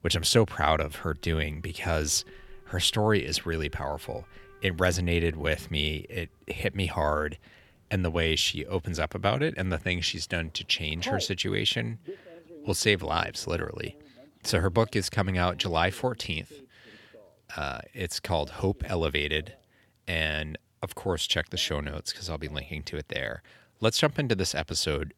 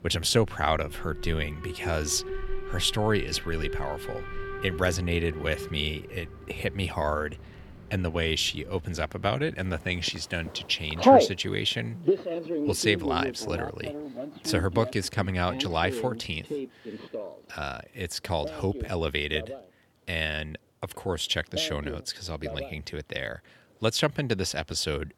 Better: first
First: alarms or sirens; faint; throughout; 20 dB below the speech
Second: alarms or sirens; loud; throughout; 2 dB below the speech

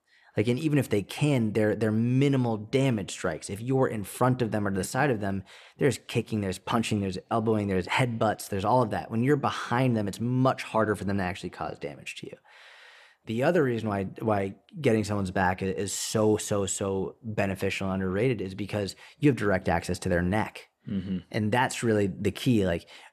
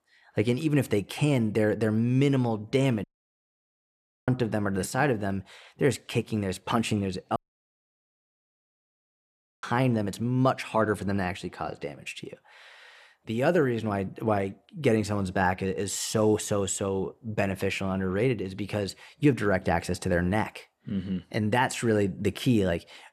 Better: first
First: none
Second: audio cutting out; at 3 s for 1 s and at 7.5 s for 2.5 s

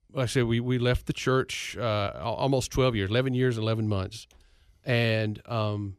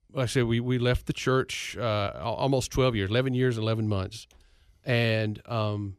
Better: neither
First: none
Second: none

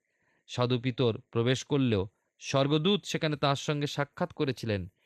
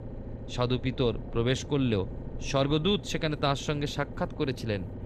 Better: first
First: none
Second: low rumble; noticeable; throughout; 15 dB below the speech

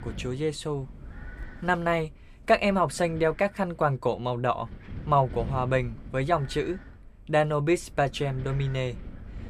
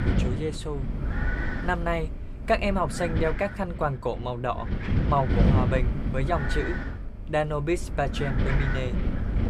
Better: first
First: wind noise on the microphone; occasional gusts; 20 dB below the speech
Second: wind noise on the microphone; heavy; 6 dB below the speech

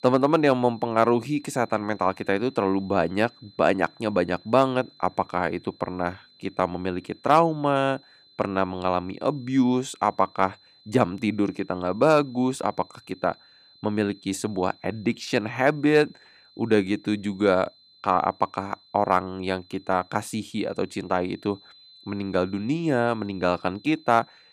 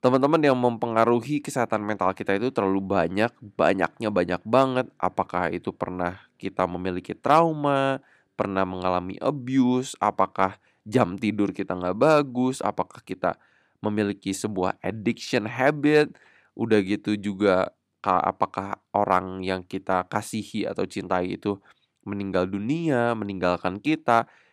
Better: second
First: high-pitched whine; faint; throughout; 4 kHz, 30 dB below the speech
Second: none

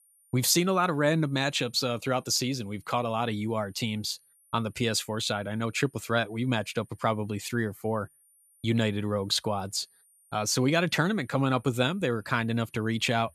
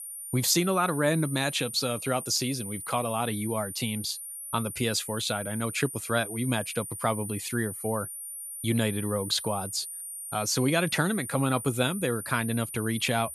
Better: first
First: high-pitched whine; faint; throughout; 9.5 kHz, 30 dB below the speech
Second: high-pitched whine; loud; throughout; 9.5 kHz, 8 dB below the speech

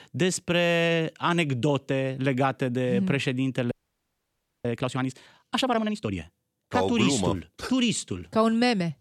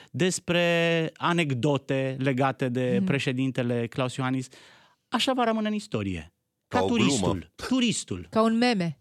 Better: second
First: audio freezing; at 3.5 s for 1 s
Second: none

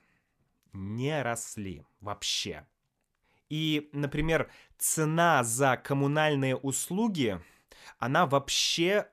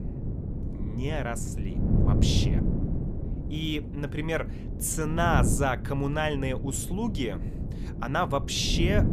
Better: first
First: none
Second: wind noise on the microphone; heavy; 10 dB below the speech

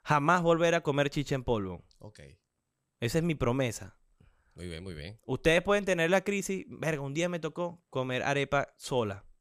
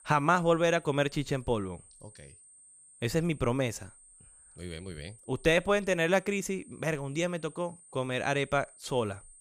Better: first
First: none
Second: high-pitched whine; faint; throughout; 8.5 kHz, 25 dB below the speech

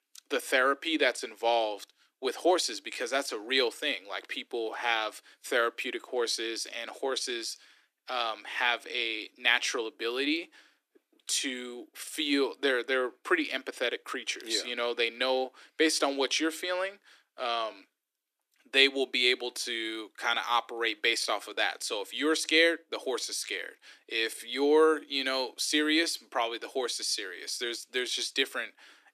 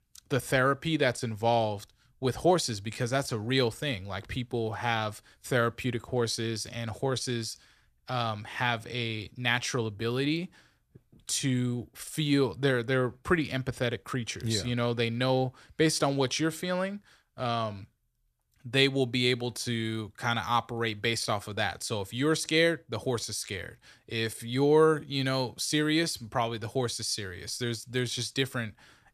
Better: second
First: thin; somewhat; fading below 300 Hz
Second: none

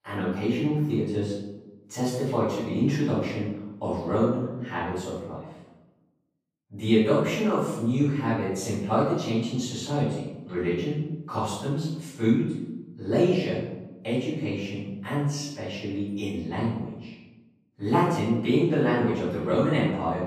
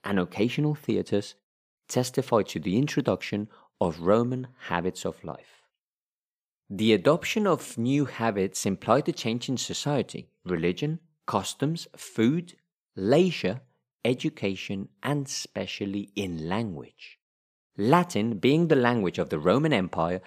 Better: second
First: off-mic speech; far // room echo; strong; dies away in 0.9 s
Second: none

